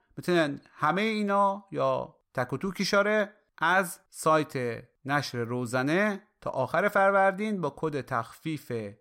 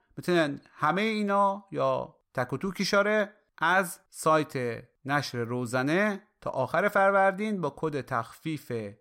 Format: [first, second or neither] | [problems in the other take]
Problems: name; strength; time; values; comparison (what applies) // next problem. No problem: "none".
neither | none